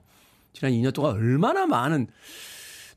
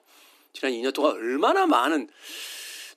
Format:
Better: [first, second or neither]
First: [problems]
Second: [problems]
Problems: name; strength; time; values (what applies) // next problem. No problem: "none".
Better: first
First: none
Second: thin; somewhat; fading below 300 Hz